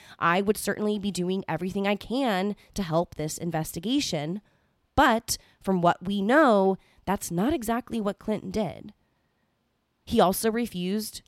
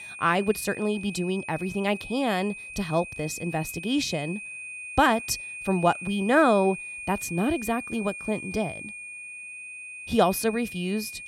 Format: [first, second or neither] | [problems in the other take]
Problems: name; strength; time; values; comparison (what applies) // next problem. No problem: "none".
first | high-pitched whine; noticeable; throughout; 2.5 kHz, 10 dB below the speech